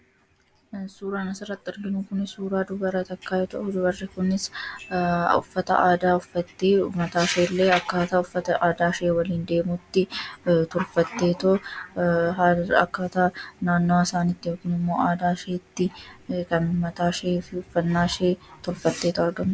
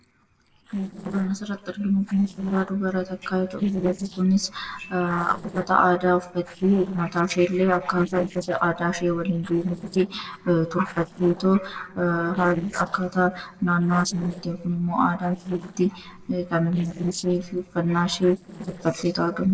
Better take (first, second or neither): first